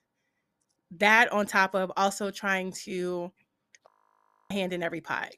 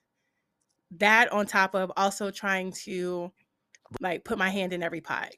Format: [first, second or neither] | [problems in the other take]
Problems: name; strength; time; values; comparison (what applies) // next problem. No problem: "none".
second | audio freezing; at 4 s for 0.5 s